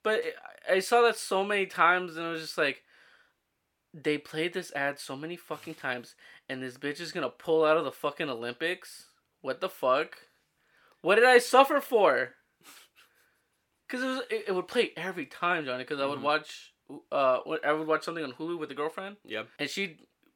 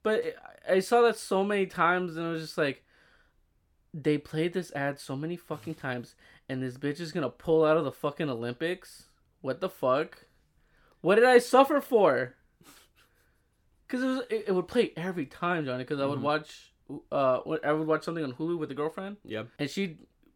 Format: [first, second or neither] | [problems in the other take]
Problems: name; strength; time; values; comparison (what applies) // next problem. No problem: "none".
second | thin; very slightly; fading below 600 Hz